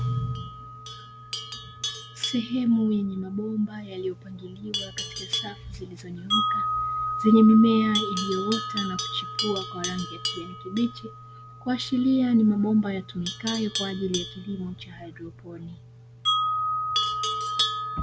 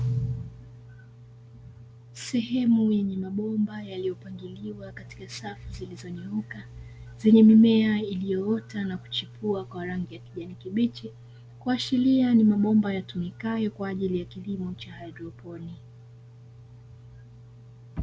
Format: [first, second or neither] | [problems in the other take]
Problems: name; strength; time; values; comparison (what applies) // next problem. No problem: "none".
second | background sound (Livestock, farm animals, working animals + Wind chime); 5 dB below the speech